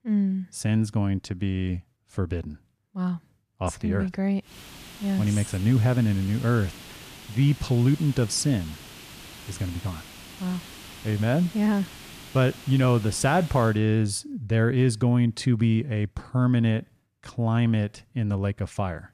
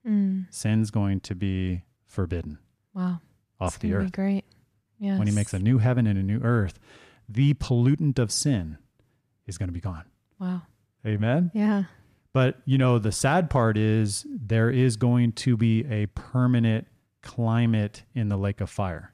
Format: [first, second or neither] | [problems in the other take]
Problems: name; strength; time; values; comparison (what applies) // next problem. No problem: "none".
second | hiss; noticeable; from 4.5 to 14 s; 15 dB below the speech